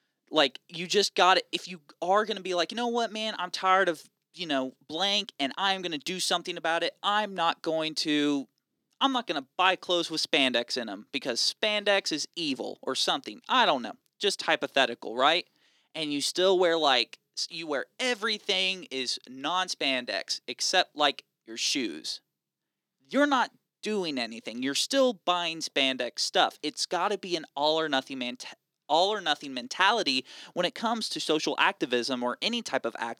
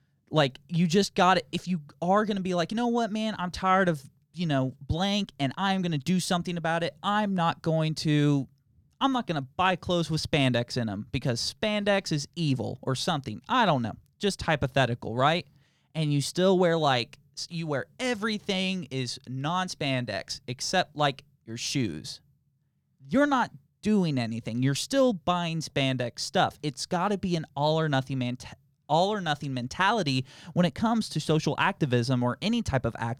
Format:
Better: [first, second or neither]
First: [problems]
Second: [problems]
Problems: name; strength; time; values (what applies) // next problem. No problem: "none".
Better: second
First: thin; somewhat; fading below 300 Hz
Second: none